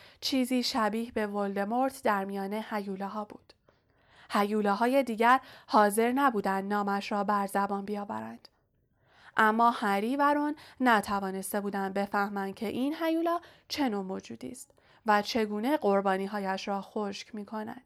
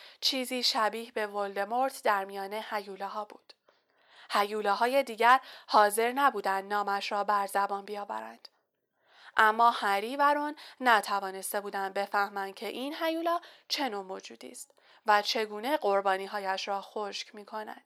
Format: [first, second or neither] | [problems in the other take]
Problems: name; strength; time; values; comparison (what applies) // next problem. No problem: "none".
first | thin; somewhat; fading below 450 Hz